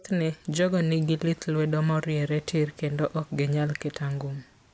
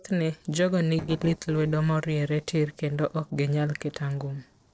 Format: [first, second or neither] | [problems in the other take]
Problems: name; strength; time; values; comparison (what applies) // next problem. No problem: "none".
first | noise reduction (neural separator model SepFormer DNS4)